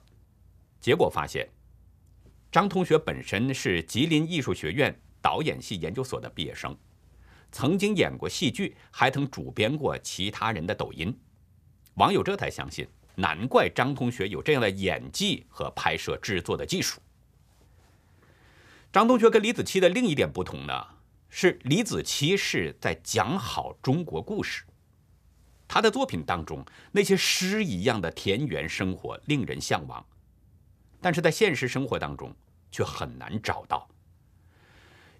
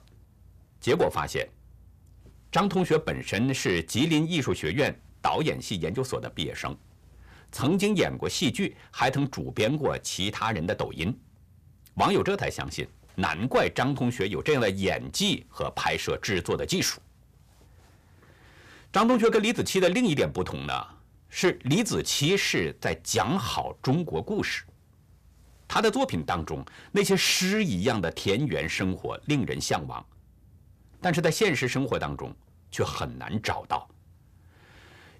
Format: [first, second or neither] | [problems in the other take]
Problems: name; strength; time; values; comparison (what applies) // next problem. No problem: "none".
first | distortion; slight; 10 dB below the speech